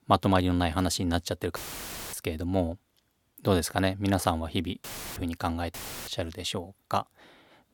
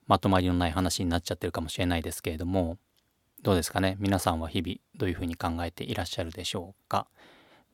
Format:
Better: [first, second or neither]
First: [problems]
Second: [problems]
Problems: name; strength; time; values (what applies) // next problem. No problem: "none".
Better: second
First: audio cutting out; filled with static; at 1.5 s for 0.5 s, at 5 s and at 5.5 s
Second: none